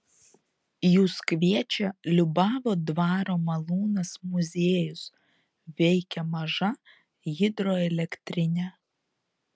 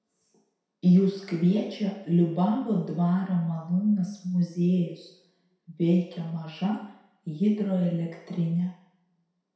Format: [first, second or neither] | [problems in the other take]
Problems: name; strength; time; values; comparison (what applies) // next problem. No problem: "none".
first | room echo; dies away in 0.7 s